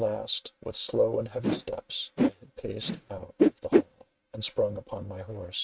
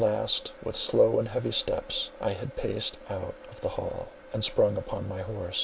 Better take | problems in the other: second | noise reduction (neural mask model RNNoise)

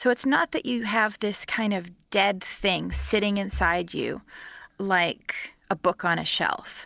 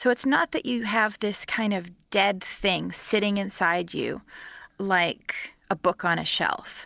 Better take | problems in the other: second | background sound (Marimba, xylophone / Wood); 7 dB below the speech

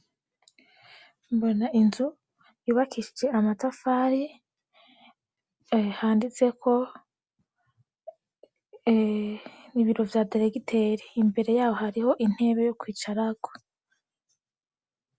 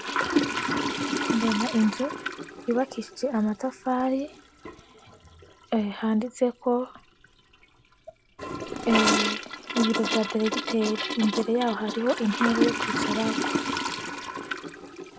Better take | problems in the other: first | background sound (Toilet flush / Gurgling); 2 dB below the speech

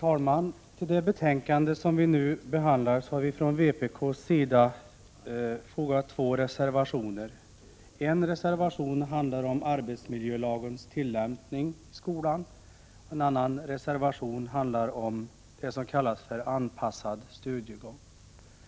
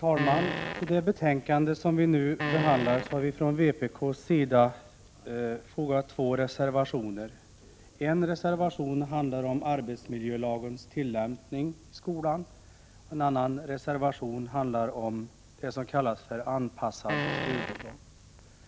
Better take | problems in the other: first | background sound (Fart); 5 dB below the speech

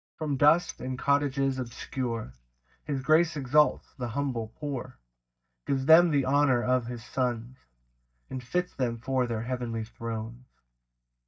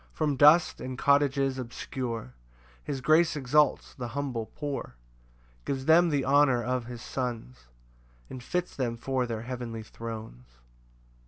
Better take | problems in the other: second | noise reduction (neural mask model DeepFilterNet 3)

